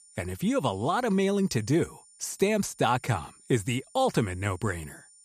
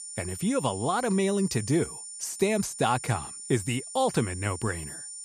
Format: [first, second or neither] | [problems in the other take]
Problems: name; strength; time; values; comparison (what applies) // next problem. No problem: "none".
first | high-pitched whine; loud; throughout; 9 kHz, 9 dB below the speech; faint in the first